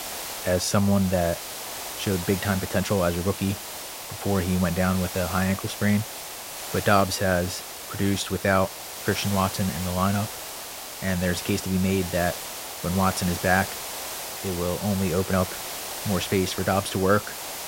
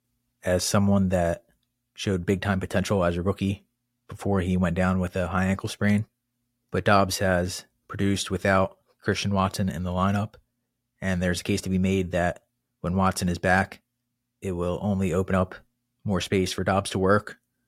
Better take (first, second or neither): second